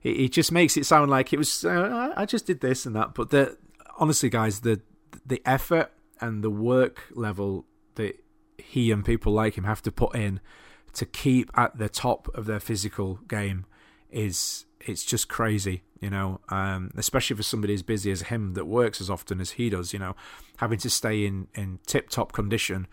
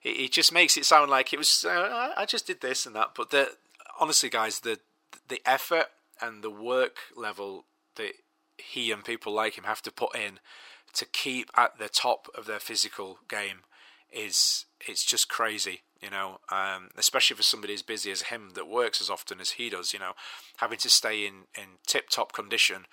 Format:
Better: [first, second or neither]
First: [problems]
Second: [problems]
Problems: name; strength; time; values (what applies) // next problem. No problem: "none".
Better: first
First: none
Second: thin; very; fading below 650 Hz